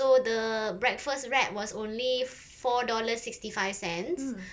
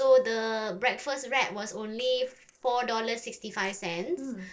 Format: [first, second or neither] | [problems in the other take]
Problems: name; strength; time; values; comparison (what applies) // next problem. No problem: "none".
first | noise reduction (neural separator model SepFormer DNS4)